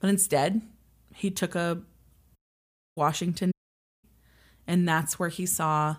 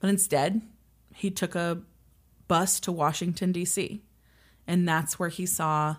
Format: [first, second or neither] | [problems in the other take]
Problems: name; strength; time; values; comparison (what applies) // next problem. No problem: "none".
second | audio cutting out; at 2.5 s for 0.5 s and at 3.5 s for 0.5 s